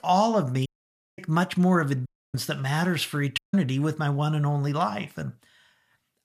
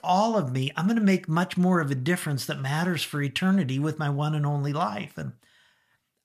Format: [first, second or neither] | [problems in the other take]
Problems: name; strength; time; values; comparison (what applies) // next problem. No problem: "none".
second | audio cutting out; at 0.5 s for 0.5 s, at 2 s and at 3.5 s